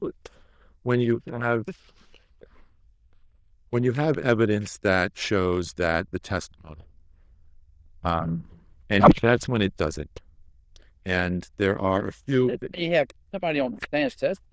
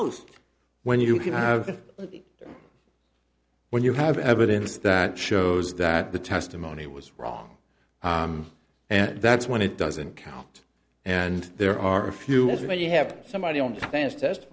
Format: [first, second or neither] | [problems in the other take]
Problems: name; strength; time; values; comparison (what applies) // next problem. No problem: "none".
second | noise reduction (neural diffusion model UNIVERSE++)